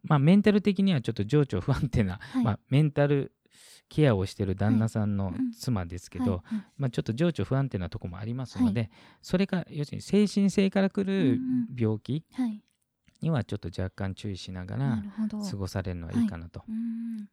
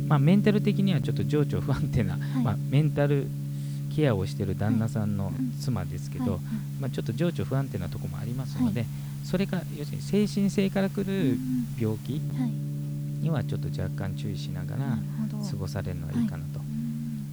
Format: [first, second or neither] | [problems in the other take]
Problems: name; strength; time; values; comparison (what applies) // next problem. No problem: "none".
first | background music; loud; throughout; 4 dB below the speech